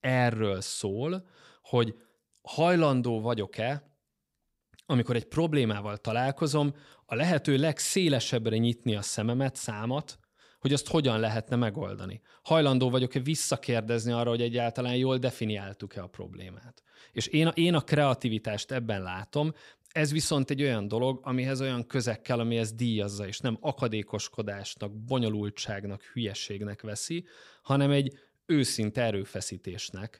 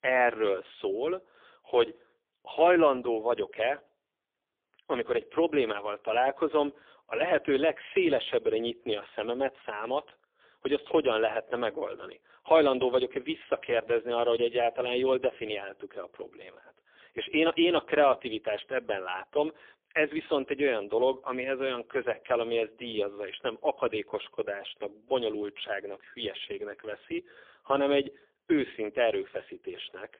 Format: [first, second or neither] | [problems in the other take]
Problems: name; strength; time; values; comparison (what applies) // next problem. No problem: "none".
first | phone-call audio; poor line; nothing above 3.5 kHz